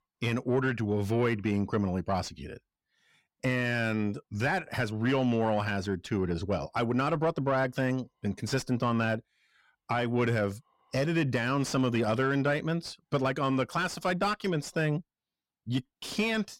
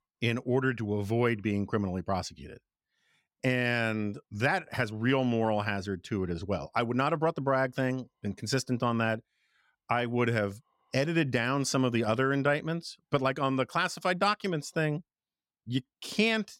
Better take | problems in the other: second | distortion; slight; 10 dB below the speech

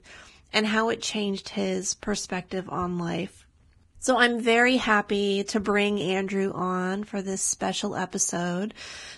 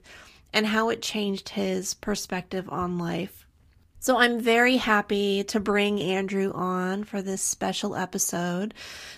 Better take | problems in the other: second | garbled, watery; badly; nothing above 11 kHz; slightly in the second

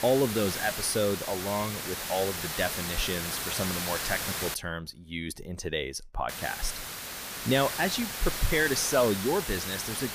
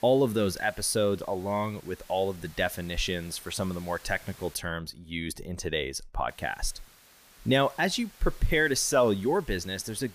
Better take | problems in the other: second | hiss; loud; until 4.5 s and from 6.5 s on; 3 dB below the speech; faint in the second

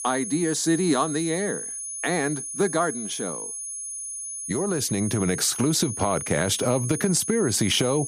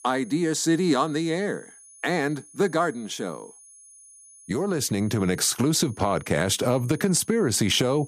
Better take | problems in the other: second | high-pitched whine; loud; throughout; 10 kHz, 6 dB below the speech; faint in the second

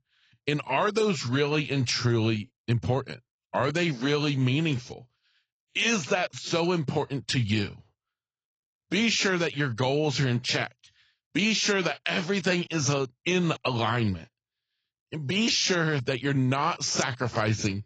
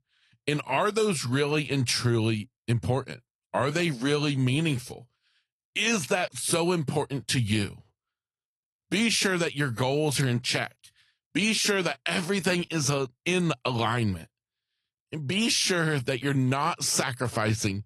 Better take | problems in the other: second | garbled, watery; badly; nothing above 7.5 kHz; slightly in the second

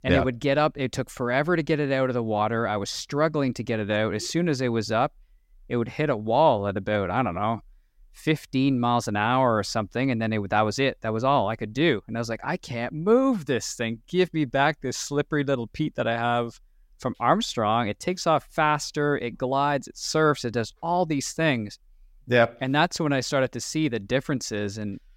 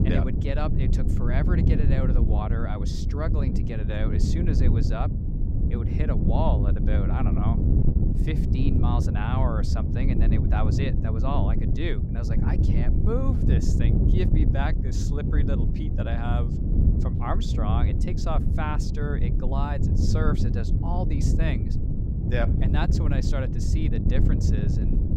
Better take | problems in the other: first | wind noise on the microphone; heavy; 2 dB below the speech

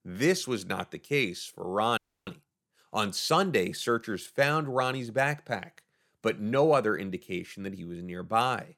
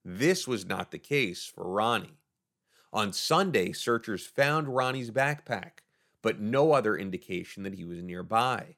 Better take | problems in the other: second | audio freezing; at 2 s

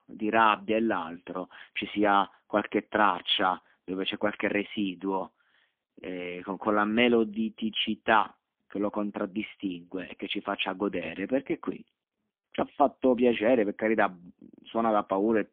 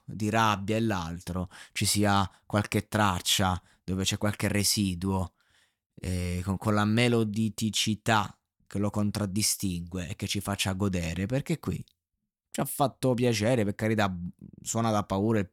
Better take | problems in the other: second | phone-call audio; poor line; nothing above 3.5 kHz

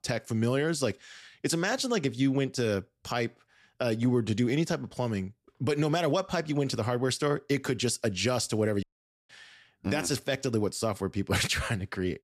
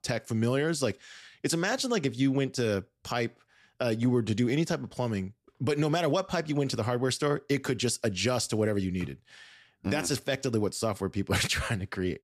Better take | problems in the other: second | audio cutting out; at 9 s

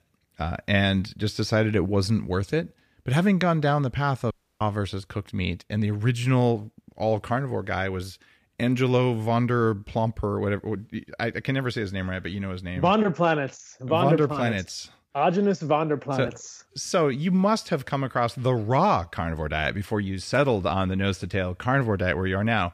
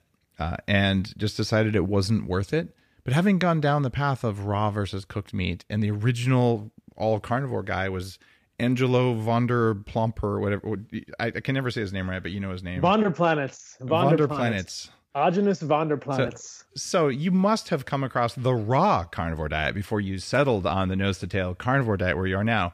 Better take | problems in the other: second | audio cutting out; at 4.5 s

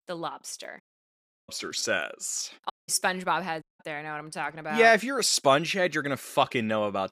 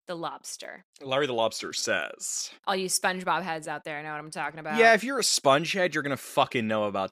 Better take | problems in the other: second | audio cutting out; at 1 s for 0.5 s, at 2.5 s and at 3.5 s

